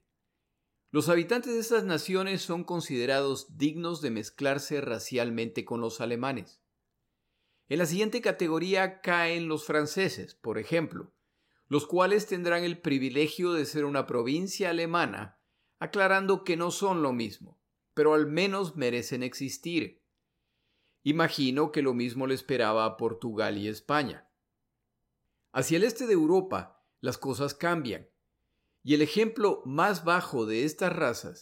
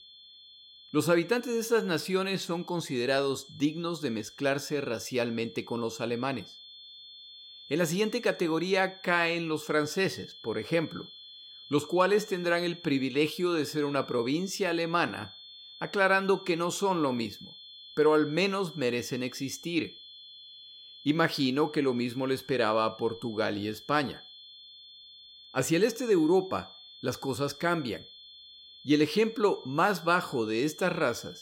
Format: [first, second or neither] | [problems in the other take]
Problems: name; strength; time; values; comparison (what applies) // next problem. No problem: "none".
first | high-pitched whine; noticeable; throughout; 3.5 kHz, 20 dB below the speech